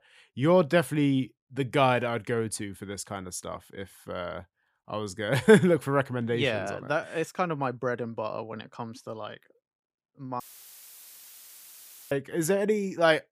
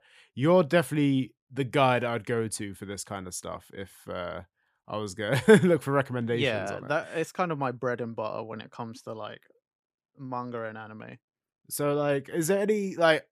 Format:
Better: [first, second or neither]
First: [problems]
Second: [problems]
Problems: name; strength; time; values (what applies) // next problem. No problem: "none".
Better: second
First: audio cutting out; filled with static; at 10 s for 1.5 s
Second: none